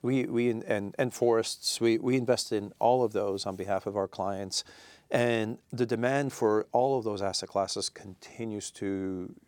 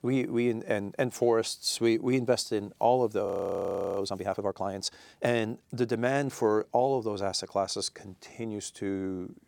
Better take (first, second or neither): first